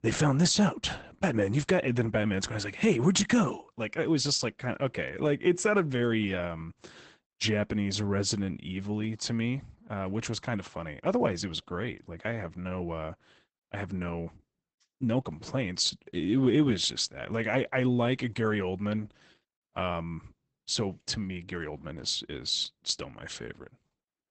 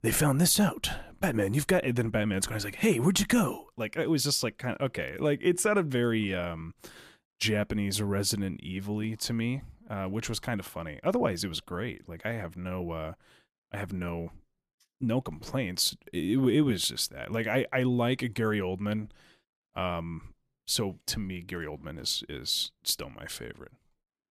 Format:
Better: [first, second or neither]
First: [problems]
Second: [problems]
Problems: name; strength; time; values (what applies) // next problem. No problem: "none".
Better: second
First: garbled, watery; badly; nothing above 8 kHz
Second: none